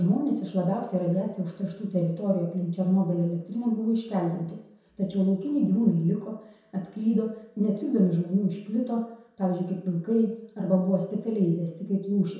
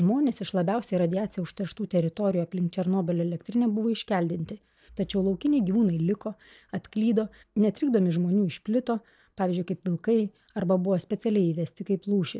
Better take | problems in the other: second | room echo; dies away in 0.7 s

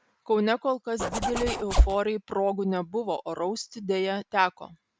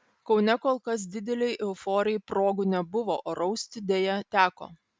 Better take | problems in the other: second | background sound (Zipper (clothing)); 4 dB above the speech

